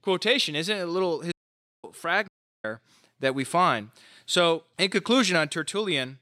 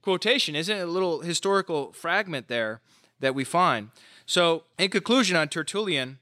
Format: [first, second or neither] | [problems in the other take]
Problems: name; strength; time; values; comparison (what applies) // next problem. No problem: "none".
second | audio cutting out; at 1.5 s for 0.5 s and at 2.5 s